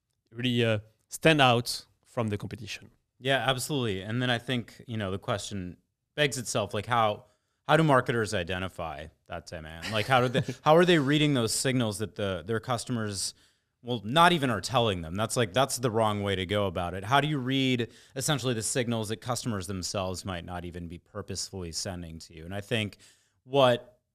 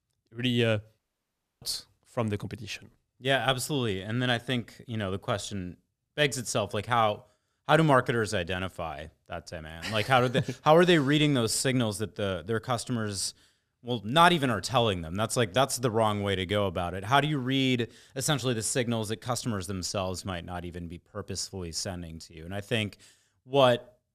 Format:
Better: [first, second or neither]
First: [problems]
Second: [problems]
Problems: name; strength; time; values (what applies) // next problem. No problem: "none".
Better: first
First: none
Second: audio cutting out; at 1 s for 0.5 s